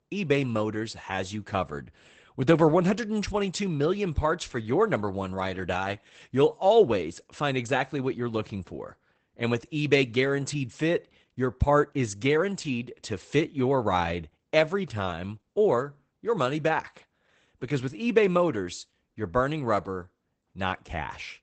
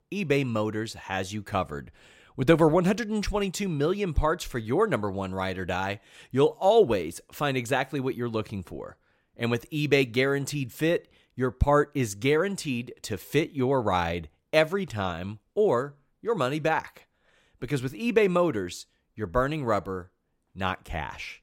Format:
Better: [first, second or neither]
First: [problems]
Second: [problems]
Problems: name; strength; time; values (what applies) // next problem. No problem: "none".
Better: second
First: garbled, watery; badly; nothing above 8 kHz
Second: none